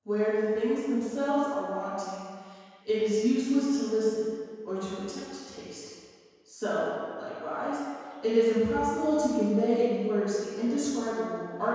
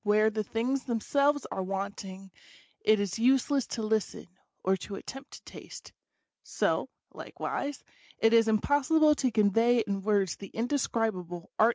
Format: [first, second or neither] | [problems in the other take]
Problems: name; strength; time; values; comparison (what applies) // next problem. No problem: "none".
second | room echo; dies away in 1.9 s